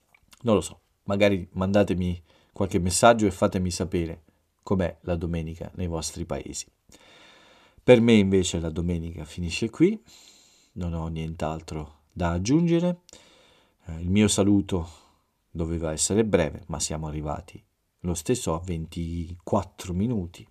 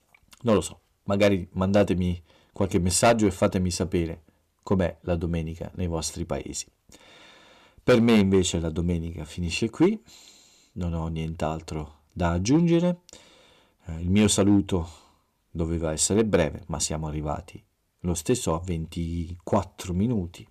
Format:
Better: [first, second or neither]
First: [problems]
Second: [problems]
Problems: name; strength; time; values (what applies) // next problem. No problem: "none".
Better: first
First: none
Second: distortion; slight; 1.7% of the sound clipped